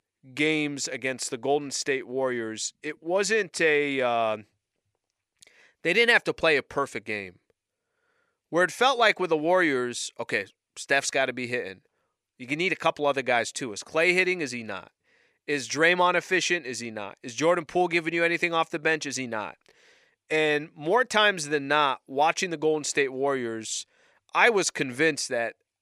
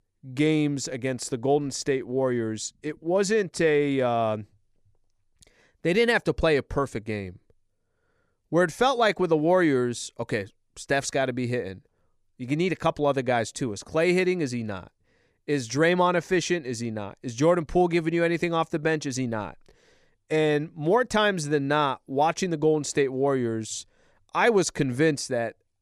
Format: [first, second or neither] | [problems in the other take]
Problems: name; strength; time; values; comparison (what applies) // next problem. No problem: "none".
second | thin; very slightly; fading below 550 Hz